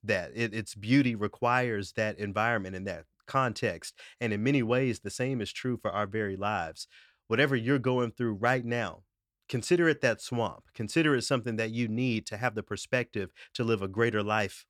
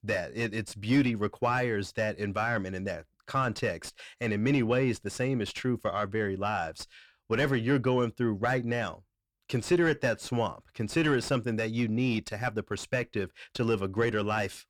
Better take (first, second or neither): first